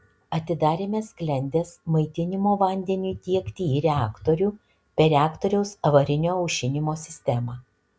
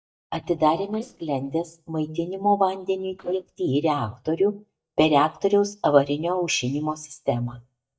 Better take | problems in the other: first | noise reduction (neural mask model DeepFilterNet 3)

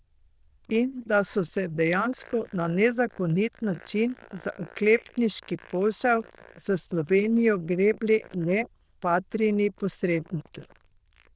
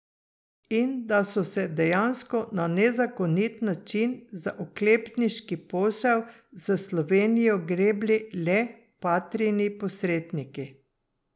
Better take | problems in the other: second | noise reduction (neural diffusion model UNIVERSE++)

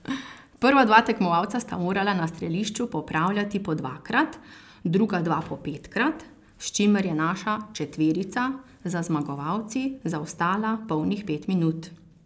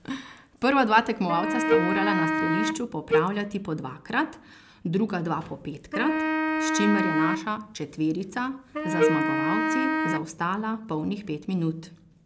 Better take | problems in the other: first | background sound (Wind instrument, woodwind instrument + Wind instrument, woodwind instrument); 1 dB above the speech

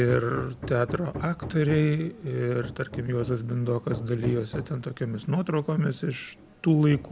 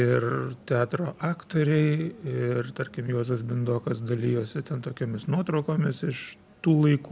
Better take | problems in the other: second | background sound (Hammer); 14 dB below the speech

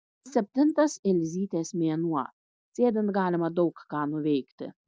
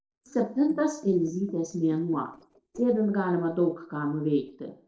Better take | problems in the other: first | noise reduction (neural separator model SepFormer DNS4)

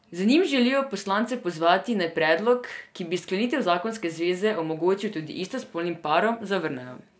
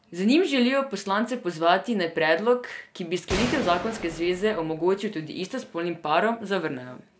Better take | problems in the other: first | background sound (Gunshot, gunfire); 9 dB below the speech

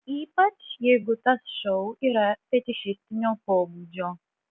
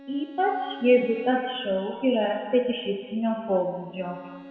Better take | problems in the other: first | background sound (Bowed string instrument); 20 dB below the speech // room echo; dies away in 2 s

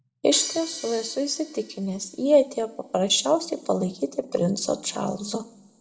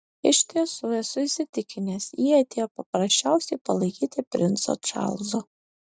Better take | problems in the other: second | background sound (Crash cymbal); 14 dB below the speech // room echo; dies away in 0.5 s

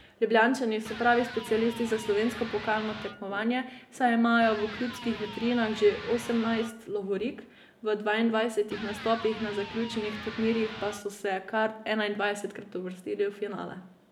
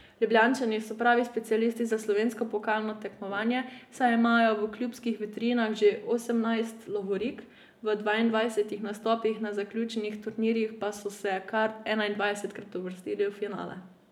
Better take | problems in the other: second | background sound (Electric guitar); 14 dB below the speech

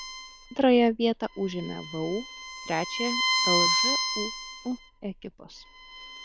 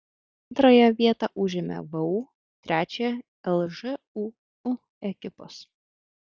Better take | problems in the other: second | background sound (Bowed string instrument); 2 dB below the speech

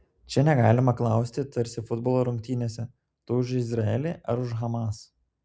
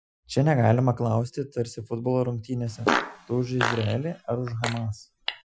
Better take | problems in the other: first | noise reduction (classical method Wiener filter)

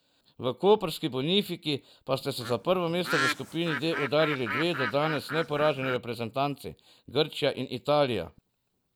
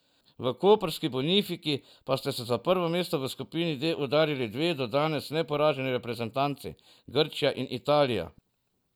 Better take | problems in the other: second | background sound (Bird); 5 dB below the speech

